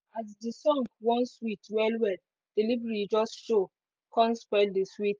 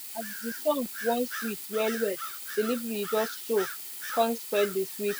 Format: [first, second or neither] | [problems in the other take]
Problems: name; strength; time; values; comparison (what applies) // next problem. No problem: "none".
first | background sound (Bird vocalization, bird call, bird song + Sink (filling or washing)); 7 dB below the speech